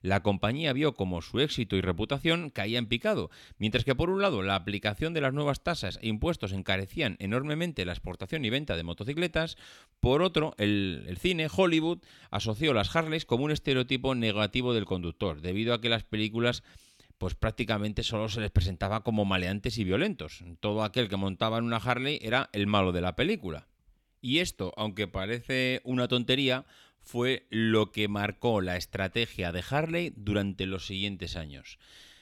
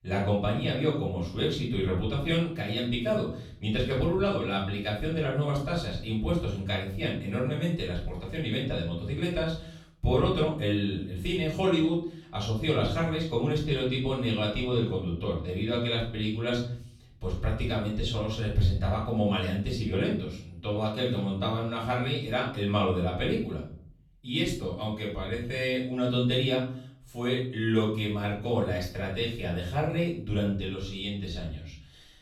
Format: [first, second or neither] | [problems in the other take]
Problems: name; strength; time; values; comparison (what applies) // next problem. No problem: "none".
first | off-mic speech; far // room echo; noticeable; dies away in 0.7 s